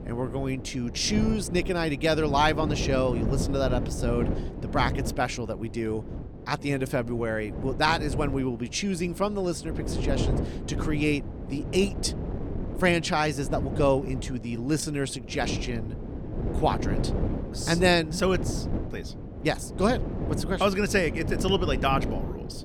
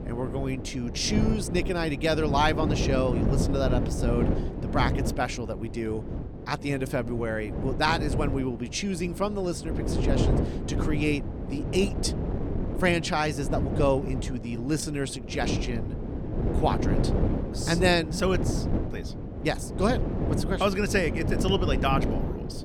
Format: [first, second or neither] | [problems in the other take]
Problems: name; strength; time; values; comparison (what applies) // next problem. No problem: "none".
first | wind noise on the microphone; heavy; 7 dB below the speech; occasional gusts in the first